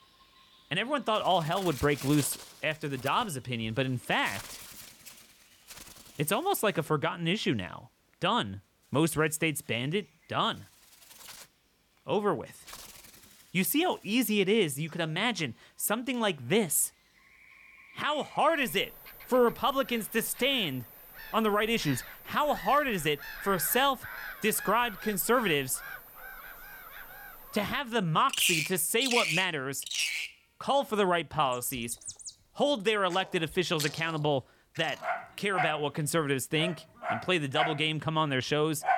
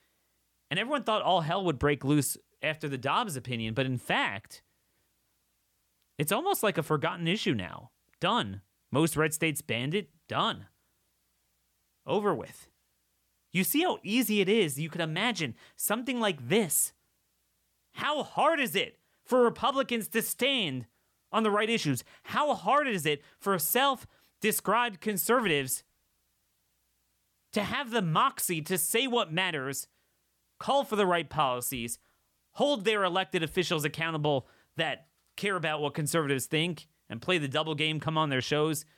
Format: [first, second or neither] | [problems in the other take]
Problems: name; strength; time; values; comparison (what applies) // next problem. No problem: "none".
second | animal sounds; loud; throughout; 9 dB below the speech